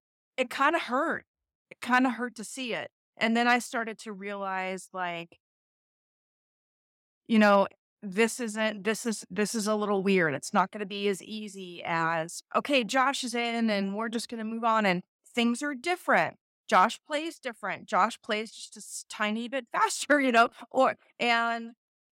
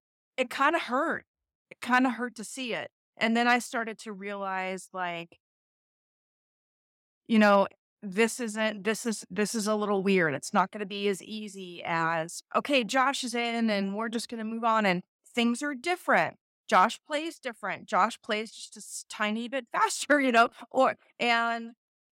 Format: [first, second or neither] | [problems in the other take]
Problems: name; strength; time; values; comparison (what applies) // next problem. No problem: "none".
neither | none